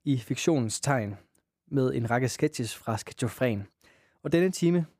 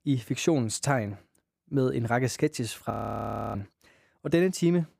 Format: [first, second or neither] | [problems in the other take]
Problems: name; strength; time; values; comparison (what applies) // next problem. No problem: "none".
first | audio freezing; at 3 s for 0.5 s